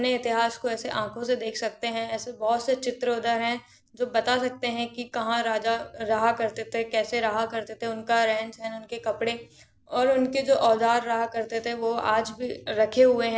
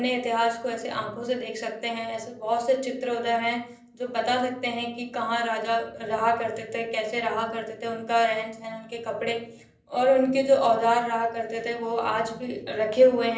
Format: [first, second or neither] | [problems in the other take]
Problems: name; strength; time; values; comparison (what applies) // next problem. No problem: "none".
first | room echo; dies away in 0.6 s